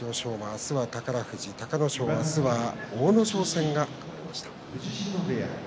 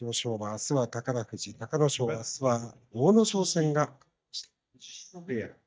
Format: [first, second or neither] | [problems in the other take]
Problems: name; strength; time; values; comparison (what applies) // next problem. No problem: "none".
first | noise reduction (neural mask model DeepFilterNet 3)